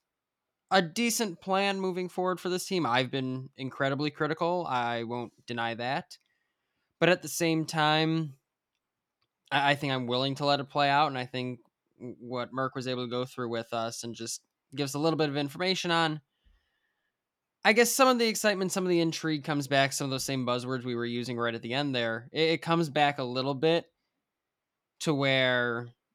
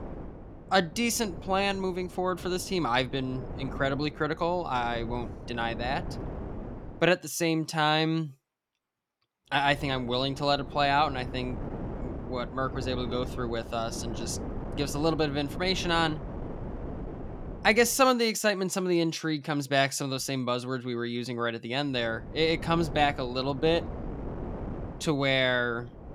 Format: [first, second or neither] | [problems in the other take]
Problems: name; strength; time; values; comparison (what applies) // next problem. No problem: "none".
first | wind noise on the microphone; occasional gusts; until 7 s, from 9.5 to 18 s and from 22 s on; 15 dB below the speech